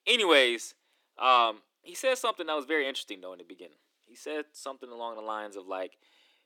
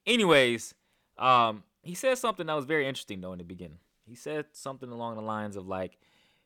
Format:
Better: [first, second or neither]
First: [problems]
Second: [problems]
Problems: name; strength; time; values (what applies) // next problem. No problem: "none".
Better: second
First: thin; somewhat; fading below 300 Hz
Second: none